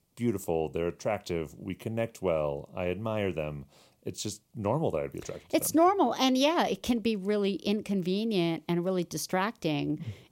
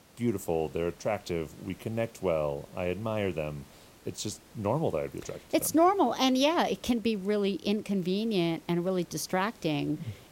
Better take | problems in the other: first | hiss; faint; throughout; 25 dB below the speech

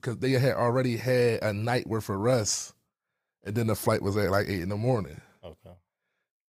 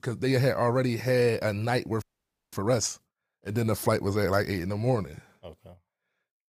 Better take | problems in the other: first | audio freezing; at 2 s for 0.5 s

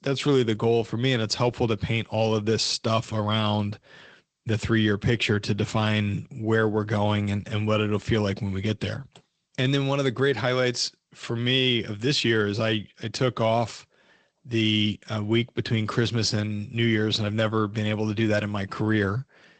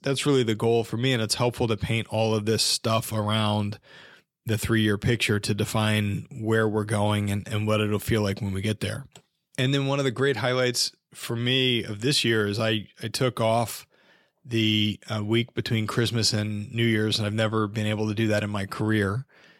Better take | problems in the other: second | garbled, watery; slightly; nothing above 8 kHz

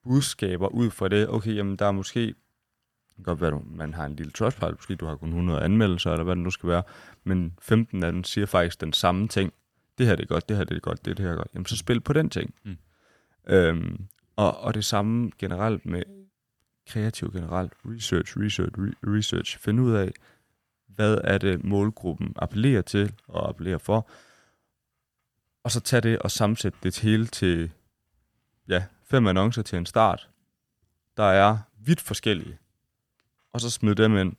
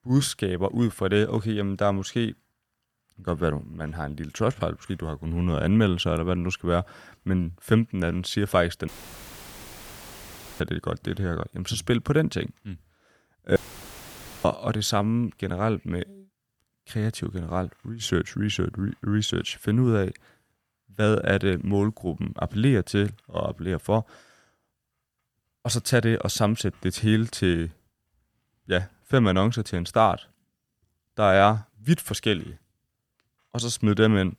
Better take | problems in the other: first | audio cutting out; filled with static; at 9 s for 1.5 s and at 14 s for 1 s

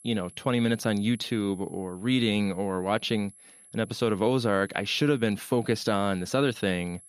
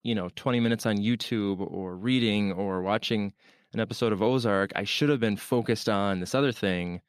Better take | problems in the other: second | high-pitched whine; faint; throughout; 11 kHz, 20 dB below the speech

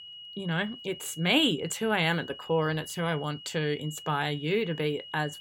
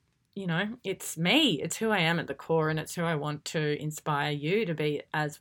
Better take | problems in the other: second | high-pitched whine; noticeable; throughout; 3 kHz, 15 dB below the speech

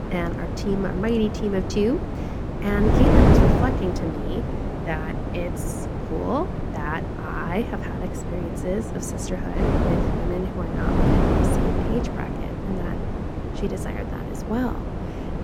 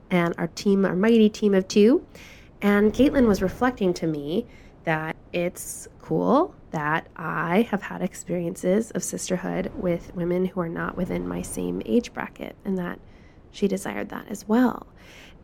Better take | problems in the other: second | wind noise on the microphone; heavy; 1 dB above the speech; occasional gusts in the second

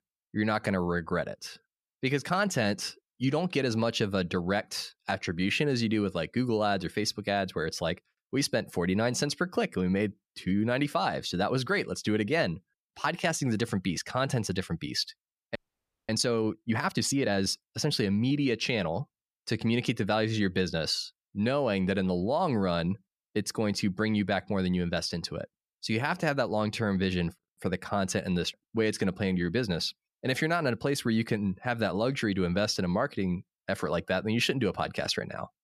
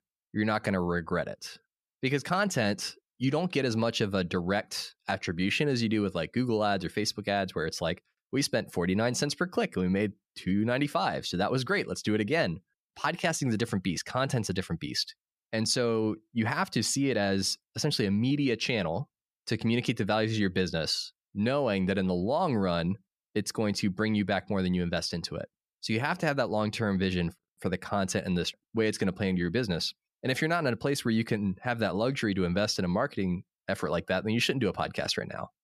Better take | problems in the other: second | audio freezing; at 16 s for 0.5 s

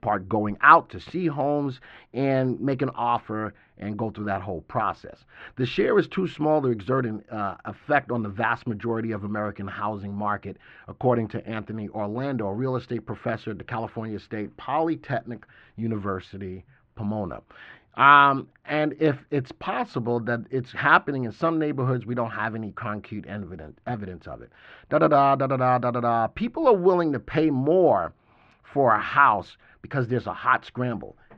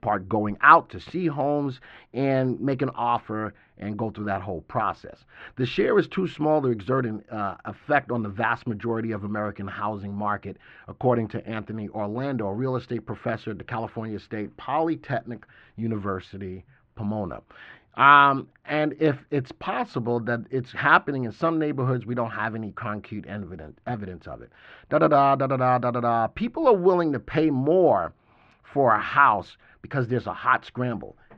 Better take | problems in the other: neither | muffled; very; fading above 2.5 kHz; the same in both

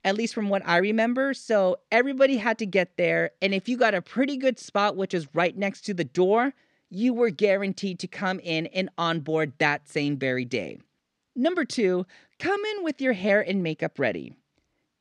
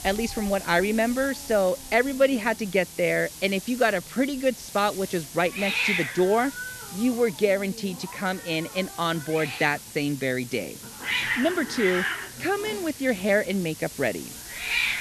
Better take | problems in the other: first | hiss; loud; throughout; 7 dB below the speech

